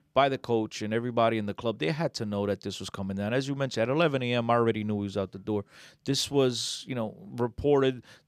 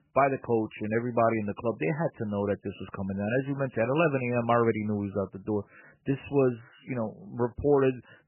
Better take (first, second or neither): first